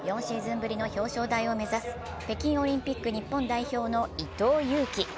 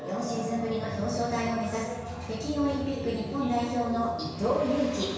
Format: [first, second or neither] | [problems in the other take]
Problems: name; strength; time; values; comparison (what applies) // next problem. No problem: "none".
first | room echo; dies away in 1 s